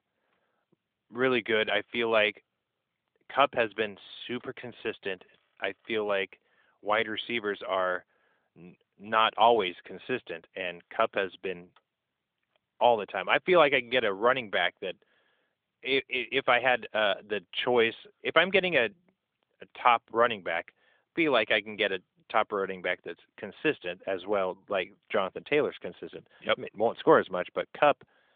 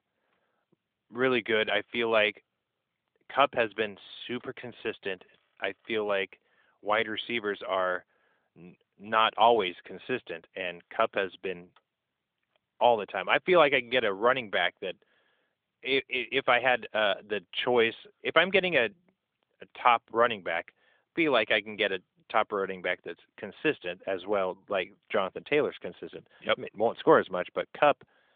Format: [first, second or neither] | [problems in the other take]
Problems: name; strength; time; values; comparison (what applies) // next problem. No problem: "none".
neither | phone-call audio; nothing above 3.5 kHz; the same in both